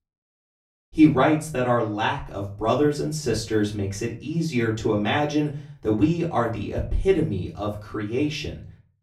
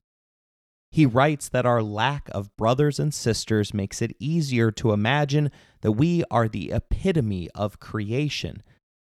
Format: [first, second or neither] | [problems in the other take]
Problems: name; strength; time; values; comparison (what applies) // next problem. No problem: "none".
second | off-mic speech; far // room echo; very slight; dies away in 0.3 s